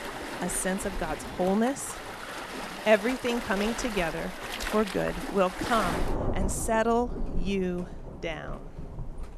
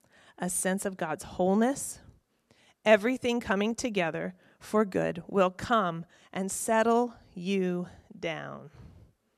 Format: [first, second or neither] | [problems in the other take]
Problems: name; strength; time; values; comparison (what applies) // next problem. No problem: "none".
second | rain or running water; loud; throughout; 7 dB below the speech